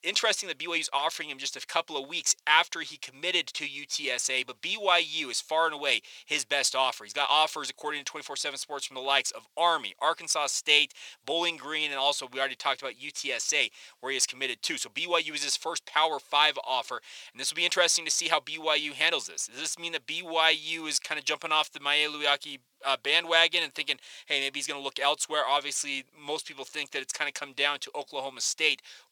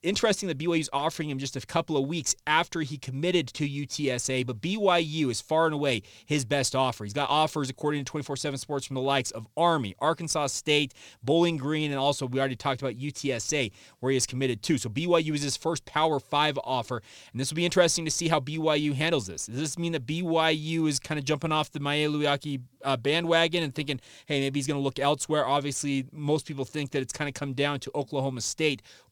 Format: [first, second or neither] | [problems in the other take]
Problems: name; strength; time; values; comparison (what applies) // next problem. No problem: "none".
second | thin; very; fading below 750 Hz